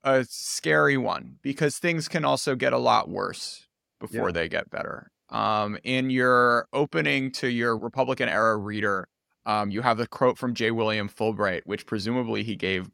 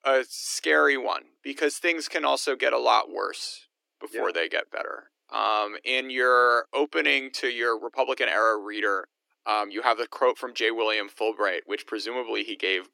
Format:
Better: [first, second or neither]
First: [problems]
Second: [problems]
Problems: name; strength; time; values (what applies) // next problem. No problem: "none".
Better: first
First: none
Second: thin; somewhat; fading below 300 Hz